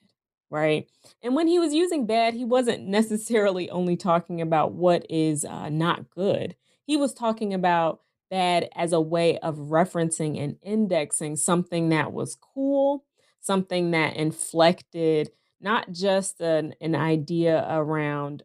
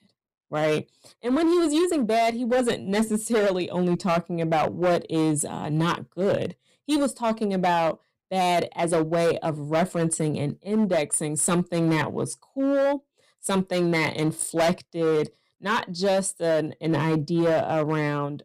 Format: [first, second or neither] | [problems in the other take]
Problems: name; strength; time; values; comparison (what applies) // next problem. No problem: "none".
first | distortion; slight; 10% of the sound clipped